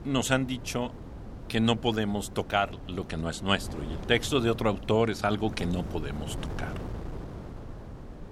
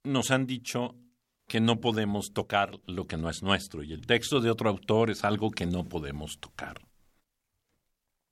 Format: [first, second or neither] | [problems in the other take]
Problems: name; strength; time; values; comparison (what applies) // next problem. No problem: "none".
second | wind noise on the microphone; occasional gusts; 15 dB below the speech